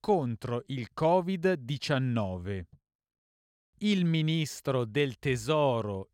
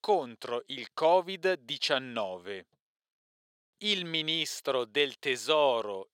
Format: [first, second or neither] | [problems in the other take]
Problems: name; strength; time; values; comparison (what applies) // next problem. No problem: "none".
first | thin; very; fading below 500 Hz